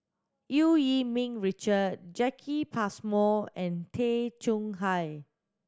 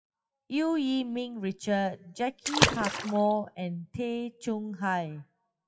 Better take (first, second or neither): first